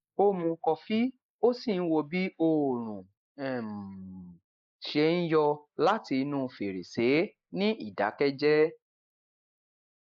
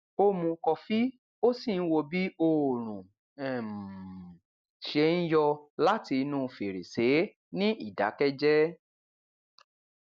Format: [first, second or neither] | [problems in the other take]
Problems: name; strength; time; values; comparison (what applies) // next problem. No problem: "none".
second | noise reduction (neural mask model Resemble Enhance denoiser)